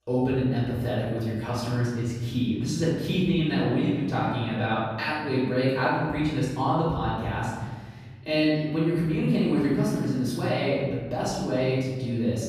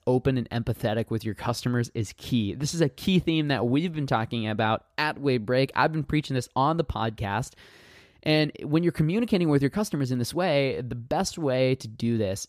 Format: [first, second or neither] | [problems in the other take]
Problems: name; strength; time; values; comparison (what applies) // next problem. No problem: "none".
second | room echo; strong; dies away in 1.4 s // off-mic speech; far